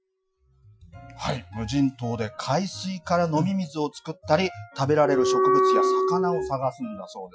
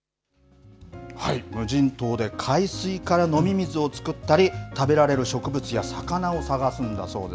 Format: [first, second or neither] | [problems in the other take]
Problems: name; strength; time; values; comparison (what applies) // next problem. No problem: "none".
second | noise reduction (classical method Wiener filter)